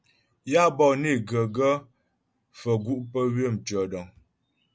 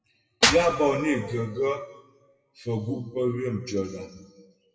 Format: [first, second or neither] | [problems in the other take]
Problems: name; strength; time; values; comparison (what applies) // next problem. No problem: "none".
first | noise reduction (classical method WPE with log-MMSE)